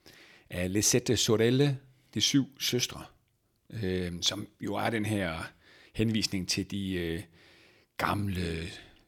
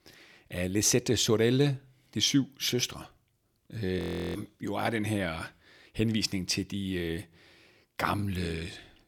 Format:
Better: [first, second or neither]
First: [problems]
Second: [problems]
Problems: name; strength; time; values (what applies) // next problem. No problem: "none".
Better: first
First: none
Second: audio freezing; at 4 s